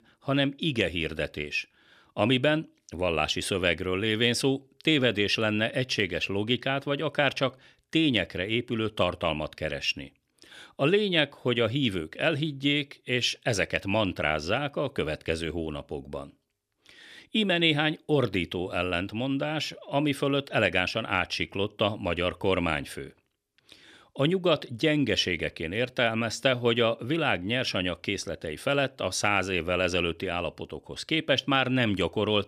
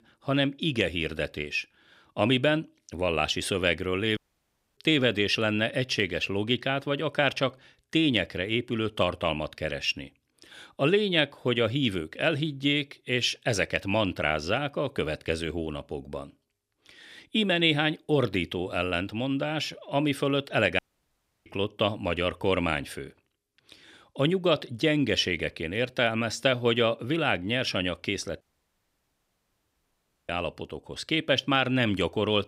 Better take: first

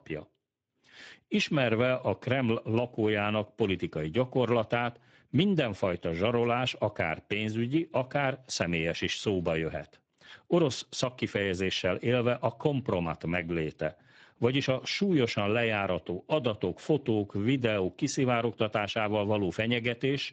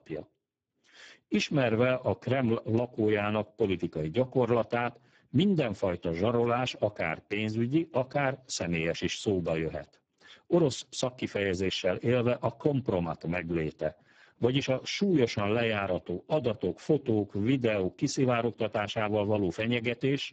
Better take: first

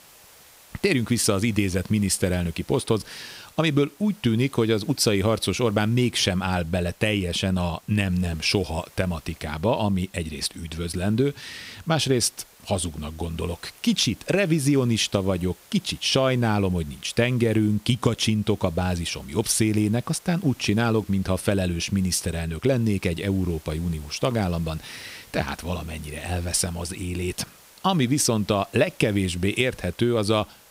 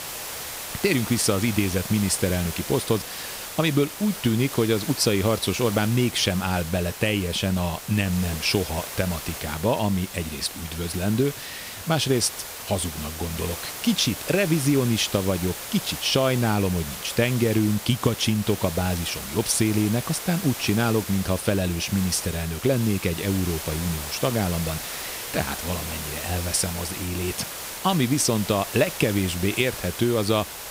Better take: first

